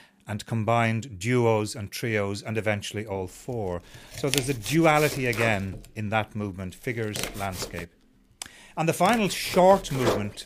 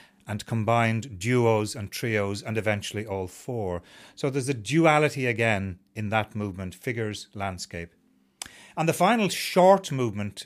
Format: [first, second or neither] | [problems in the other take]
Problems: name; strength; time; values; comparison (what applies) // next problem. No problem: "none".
second | household noises; loud; from 3 s on; 7 dB below the speech